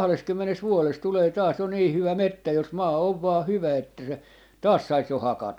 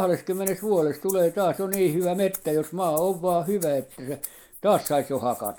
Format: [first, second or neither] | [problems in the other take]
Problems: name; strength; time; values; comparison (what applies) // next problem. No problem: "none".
first | noise reduction (neural mask model Resemble Enhance denoiser)